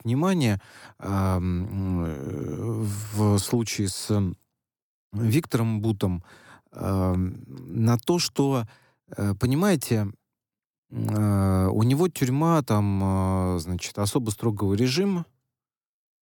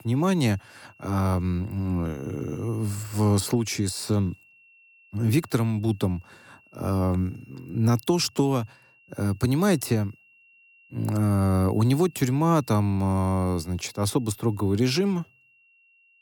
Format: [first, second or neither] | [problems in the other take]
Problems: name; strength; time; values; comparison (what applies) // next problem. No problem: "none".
first | high-pitched whine; faint; throughout; 2.5 kHz, 30 dB below the speech